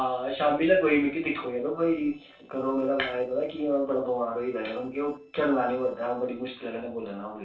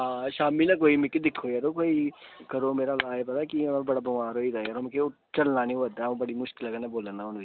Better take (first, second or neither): second